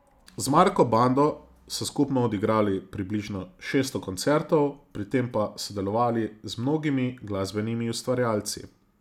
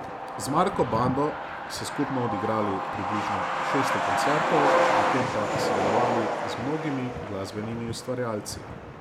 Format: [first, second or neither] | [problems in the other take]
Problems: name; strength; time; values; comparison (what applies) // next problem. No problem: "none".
first | background sound (Truck); 2 dB above the speech